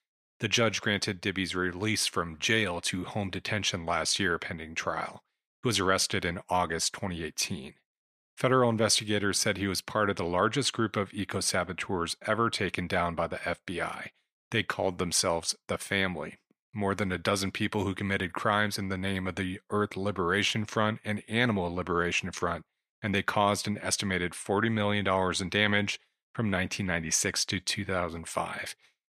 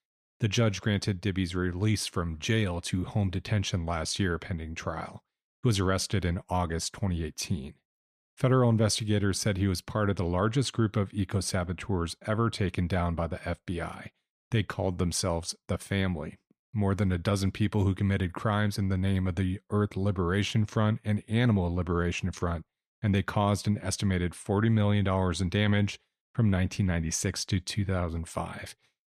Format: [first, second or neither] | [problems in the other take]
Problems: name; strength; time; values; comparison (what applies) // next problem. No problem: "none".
second | thin; somewhat; fading below 900 Hz